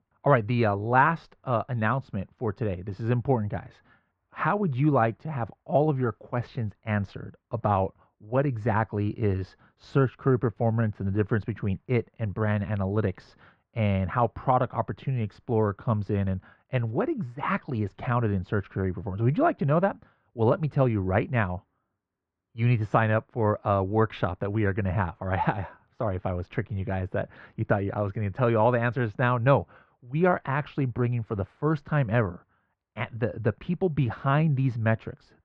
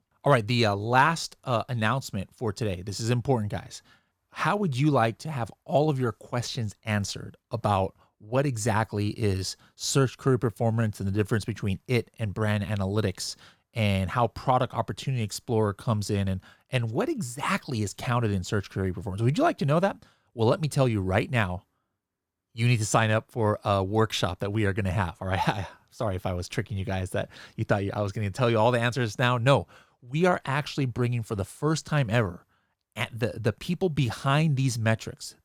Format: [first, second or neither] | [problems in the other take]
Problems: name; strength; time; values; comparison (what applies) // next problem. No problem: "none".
second | muffled; very; fading above 2 kHz